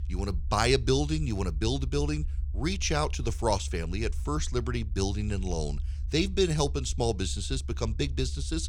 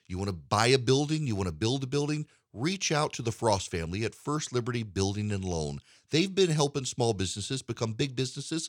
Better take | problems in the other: second | low rumble; faint; throughout; 25 dB below the speech

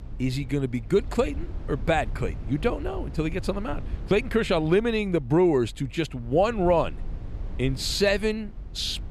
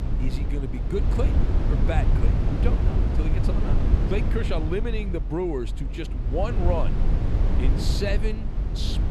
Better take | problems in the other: first | low rumble; loud; throughout; 4 dB below the speech; faint in the first

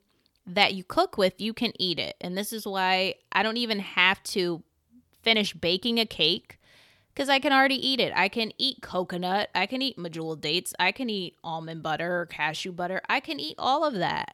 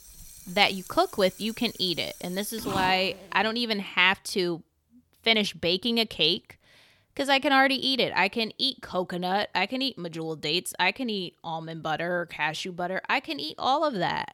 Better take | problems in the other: first | household noises; noticeable; until 3.5 s; 15 dB below the speech

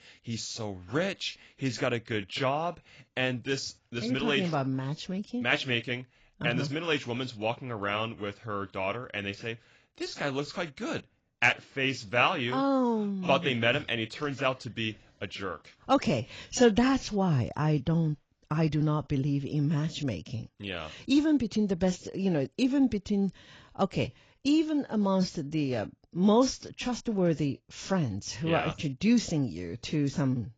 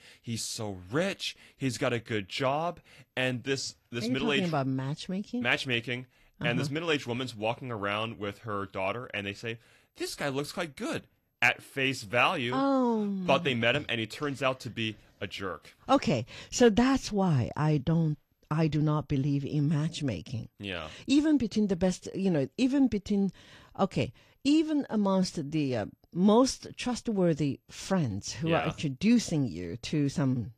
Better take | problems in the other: second | garbled, watery; badly; nothing above 7.5 kHz; slightly in the second

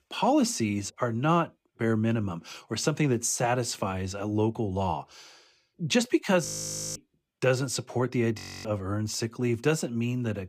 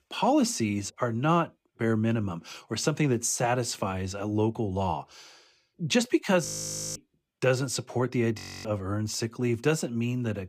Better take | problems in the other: neither | audio freezing; at 6.5 s for 0.5 s and at 8.5 s; the same in both

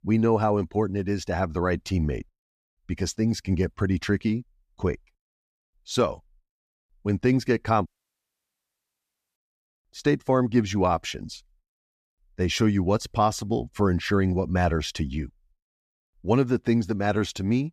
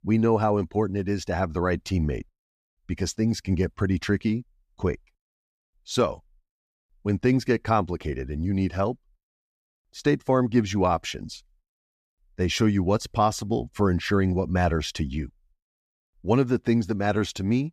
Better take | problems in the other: second | audio cutting out; at 8 s for 1.5 s

